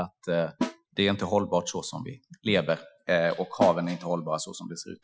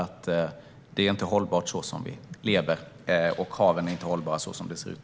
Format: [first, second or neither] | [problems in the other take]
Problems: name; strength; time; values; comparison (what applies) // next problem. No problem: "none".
second | noise reduction (classical method Wiener filter)